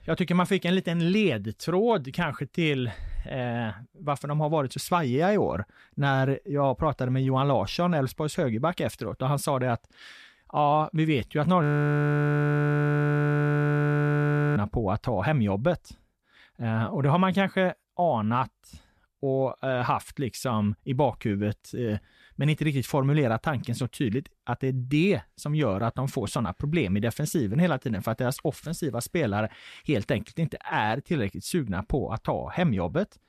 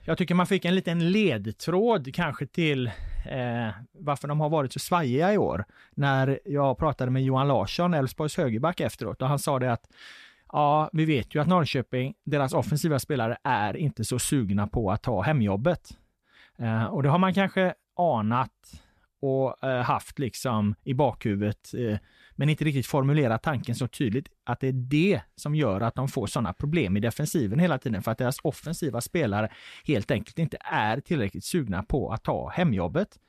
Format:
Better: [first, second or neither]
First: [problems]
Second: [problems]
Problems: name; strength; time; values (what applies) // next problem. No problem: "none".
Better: second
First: audio freezing; at 12 s for 3 s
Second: none